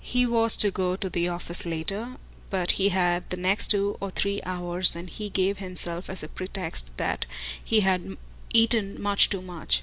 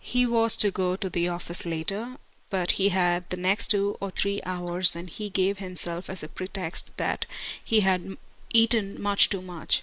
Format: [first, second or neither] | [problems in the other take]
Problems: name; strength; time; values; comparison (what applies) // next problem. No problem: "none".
first | noise reduction (neural mask model Resemble Enhance denoiser)